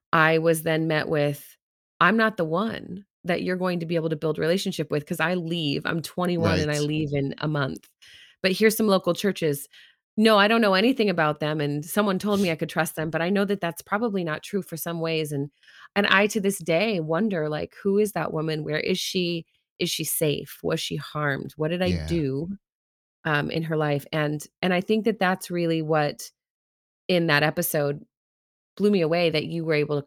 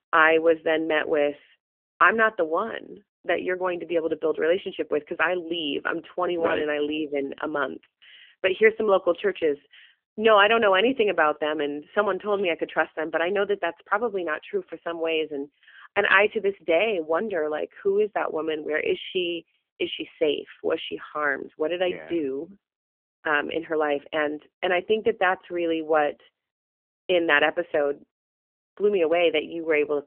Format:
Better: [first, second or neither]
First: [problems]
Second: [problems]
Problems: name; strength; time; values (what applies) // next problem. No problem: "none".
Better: first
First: none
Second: phone-call audio; nothing above 3 kHz